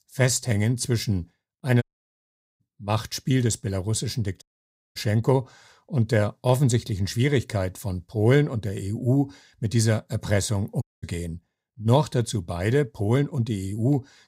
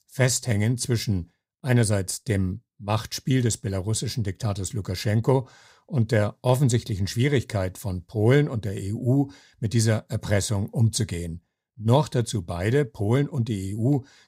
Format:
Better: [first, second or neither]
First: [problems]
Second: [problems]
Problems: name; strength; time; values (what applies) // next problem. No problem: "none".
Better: second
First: audio cutting out; at 2 s for 1 s, at 4.5 s for 0.5 s and at 11 s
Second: none